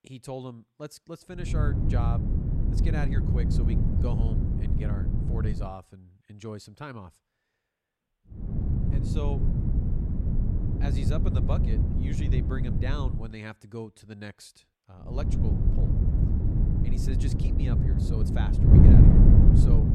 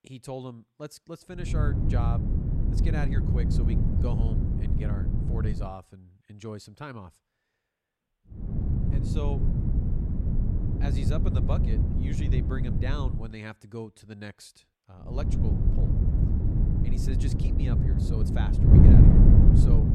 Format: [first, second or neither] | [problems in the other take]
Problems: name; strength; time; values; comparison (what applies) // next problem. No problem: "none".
neither | wind noise on the microphone; heavy; from 1.5 to 5.5 s, from 8.5 to 13 s and from 15 s on; 4 dB above the speech; the same in both